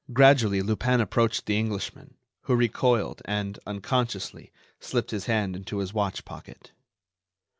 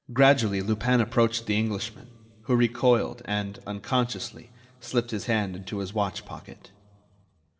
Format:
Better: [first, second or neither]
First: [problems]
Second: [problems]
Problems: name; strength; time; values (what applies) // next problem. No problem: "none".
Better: first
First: none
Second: room echo; dies away in 1.3 s